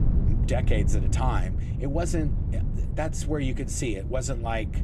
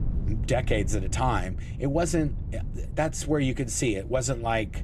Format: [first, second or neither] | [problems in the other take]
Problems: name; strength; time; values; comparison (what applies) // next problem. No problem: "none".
second | wind noise on the microphone; heavy; 10 dB below the speech; occasional gusts in the second